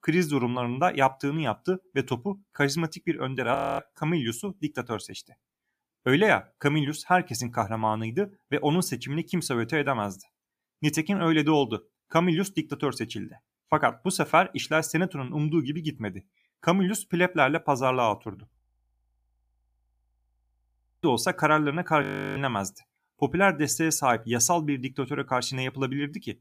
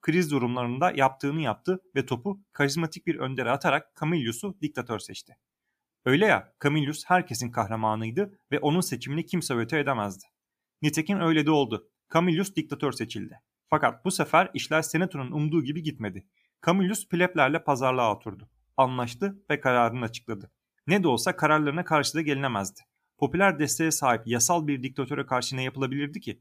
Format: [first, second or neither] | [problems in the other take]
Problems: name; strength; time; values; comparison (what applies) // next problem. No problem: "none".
second | audio freezing; at 3.5 s, at 19 s for 2.5 s and at 22 s